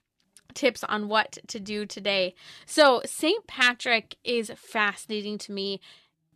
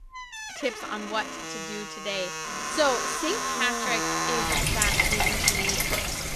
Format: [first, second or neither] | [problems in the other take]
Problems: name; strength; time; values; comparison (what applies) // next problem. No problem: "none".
first | household noises; very loud; throughout; 5 dB above the speech